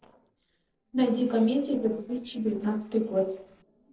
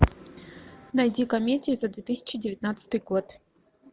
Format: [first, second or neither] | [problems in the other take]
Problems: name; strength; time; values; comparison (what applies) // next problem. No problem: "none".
second | noise reduction (neural separator model SepFormer DNS4)